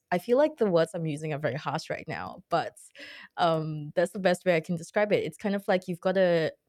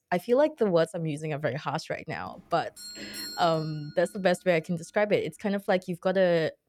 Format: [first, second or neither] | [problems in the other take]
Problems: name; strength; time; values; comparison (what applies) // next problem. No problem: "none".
first | doorbell; noticeable; from 2.5 to 4 s; peak 9 dB below the speech